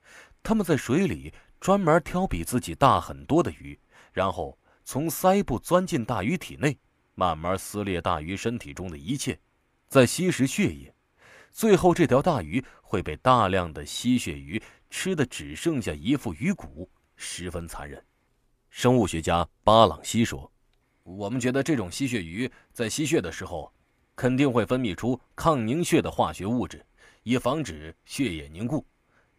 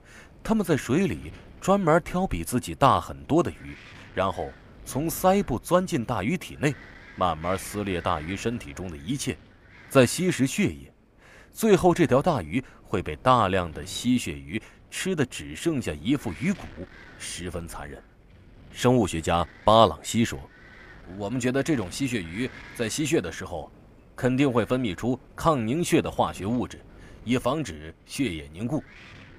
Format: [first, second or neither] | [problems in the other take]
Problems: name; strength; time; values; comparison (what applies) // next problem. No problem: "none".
first | wind noise on the microphone; occasional gusts; 25 dB below the speech